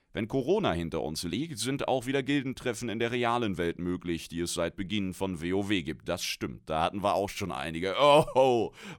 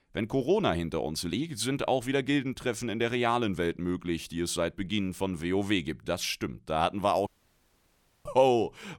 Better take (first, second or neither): first